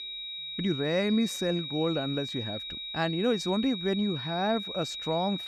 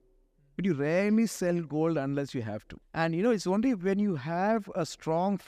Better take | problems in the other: second | high-pitched whine; loud; throughout; 4 kHz, 5 dB below the speech

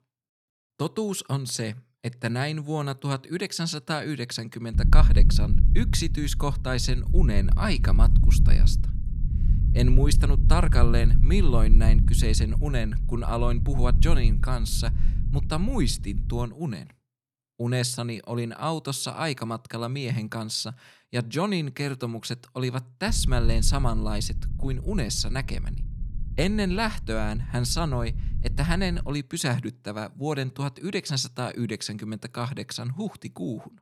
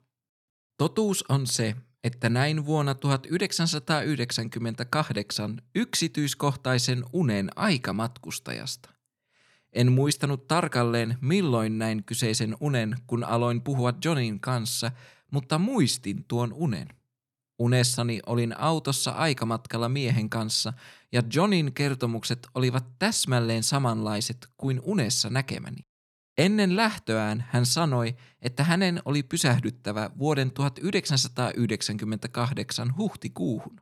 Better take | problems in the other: second | low rumble; noticeable; from 4.5 to 16 s and from 23 to 29 s; 10 dB below the speech

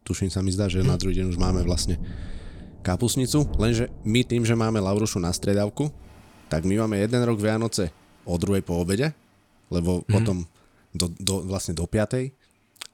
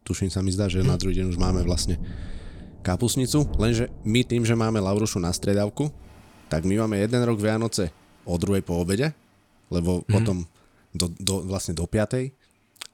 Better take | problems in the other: neither | rain or running water; noticeable; throughout; 15 dB below the speech; the same in both

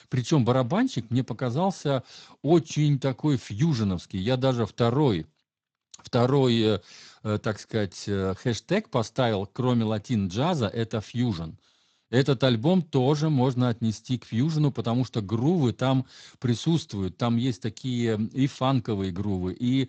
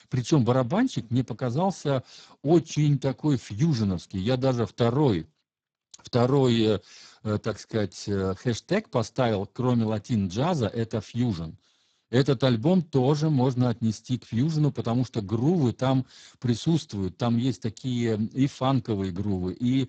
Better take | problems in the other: first | garbled, watery; badly; nothing above 7.5 kHz; slightly in the first

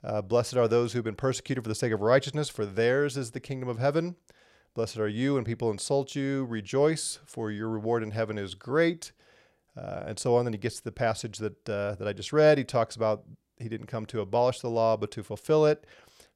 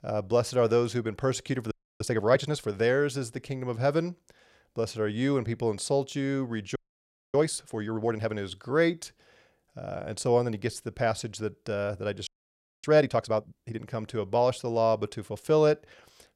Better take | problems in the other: first | audio freezing; at 1.5 s, at 7 s for 0.5 s and at 12 s for 0.5 s

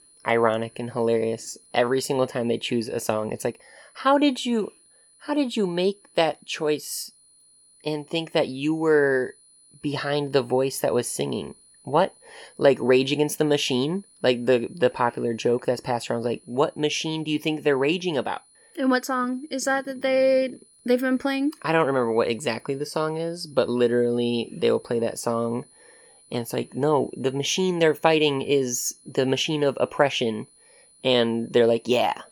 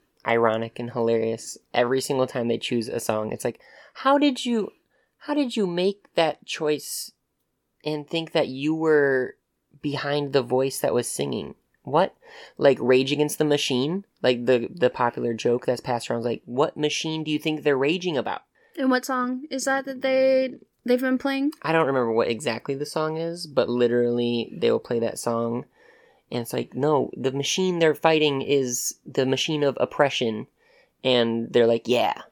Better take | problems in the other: second | high-pitched whine; faint; throughout; 10 kHz, 30 dB below the speech

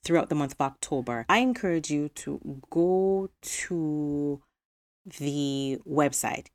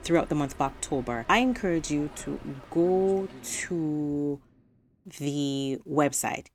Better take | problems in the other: first | train or aircraft noise; noticeable; until 4 s; 20 dB below the speech

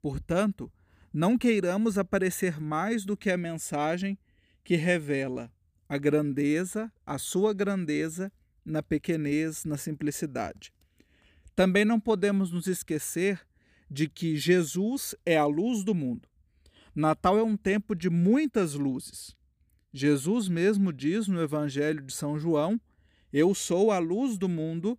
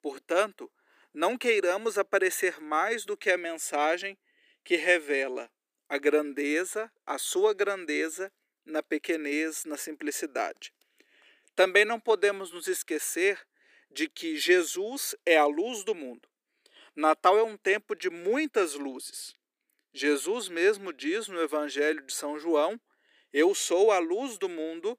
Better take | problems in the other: first | thin; very; fading below 350 Hz

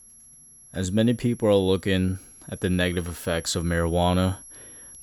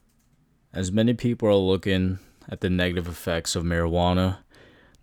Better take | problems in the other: second | high-pitched whine; noticeable; throughout; 11 kHz, 20 dB below the speech

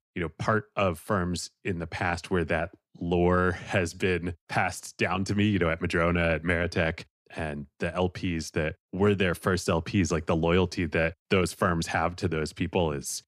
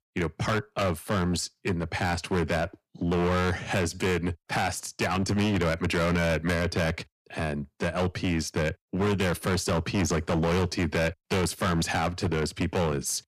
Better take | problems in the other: first | distortion; heavy; 18% of the sound clipped

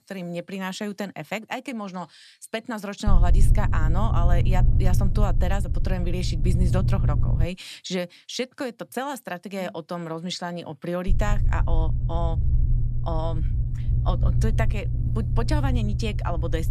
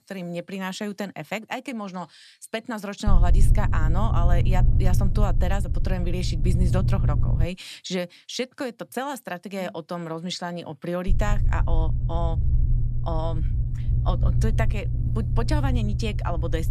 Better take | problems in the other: neither | low rumble; loud; from 3 to 7.5 s and from 11 s on; 8 dB below the speech; the same in both

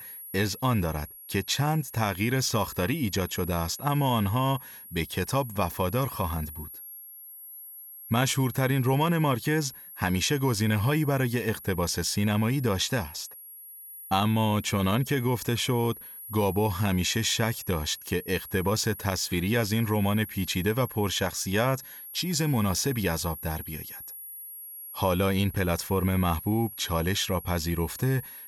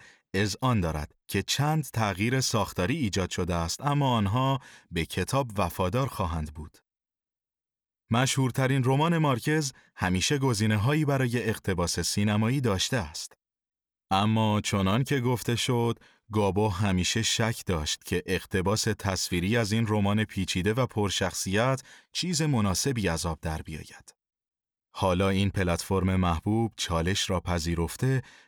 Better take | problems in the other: second | high-pitched whine; noticeable; throughout; 11.5 kHz, 15 dB below the speech

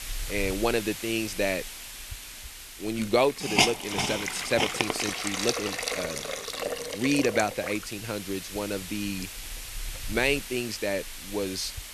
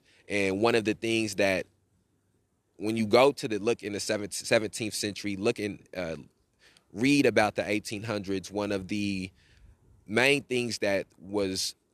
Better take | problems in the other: second | hiss; loud; throughout; 3 dB below the speech

